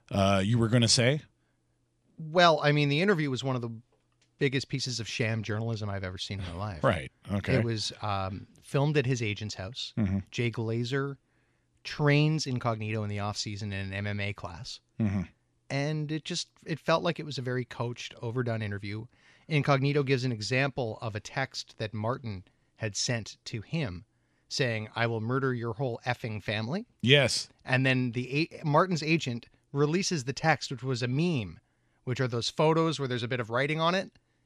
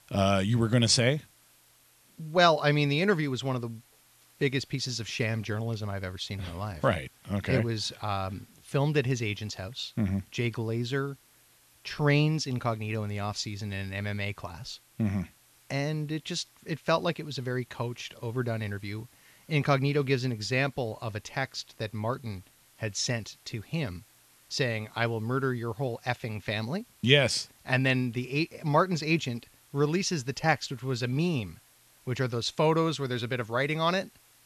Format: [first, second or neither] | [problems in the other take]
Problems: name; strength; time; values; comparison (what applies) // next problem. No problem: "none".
first | hiss; faint; throughout; 30 dB below the speech